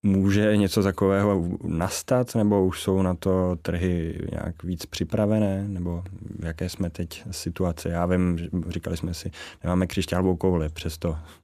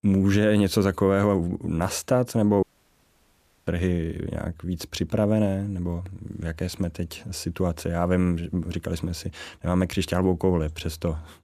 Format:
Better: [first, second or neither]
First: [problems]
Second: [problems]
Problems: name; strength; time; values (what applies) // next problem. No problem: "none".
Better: first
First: none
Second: audio cutting out; at 2.5 s for 1 s